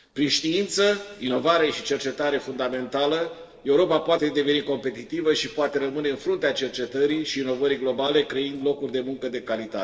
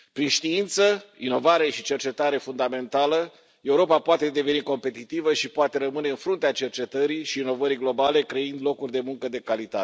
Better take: second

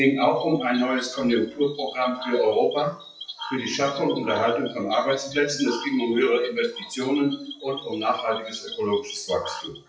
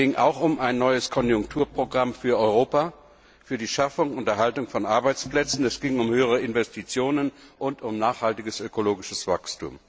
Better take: second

